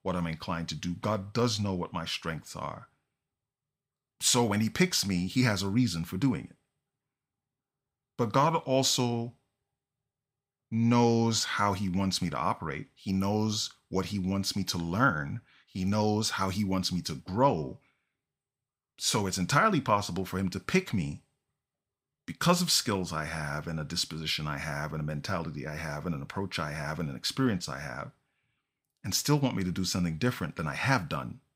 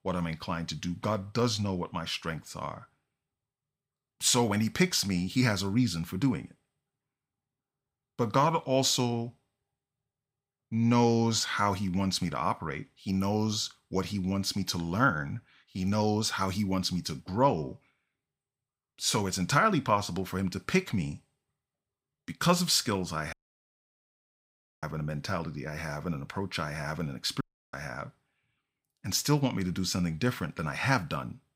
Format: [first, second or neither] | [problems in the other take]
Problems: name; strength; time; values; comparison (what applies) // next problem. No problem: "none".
first | audio cutting out; at 23 s for 1.5 s and at 27 s